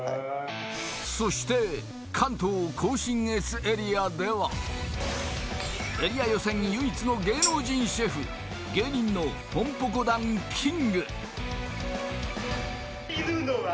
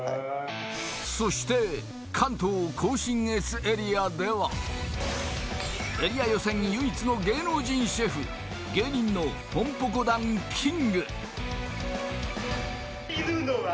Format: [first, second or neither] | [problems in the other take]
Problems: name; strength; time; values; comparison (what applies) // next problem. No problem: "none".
second | background sound (Tambourine); 4 dB below the speech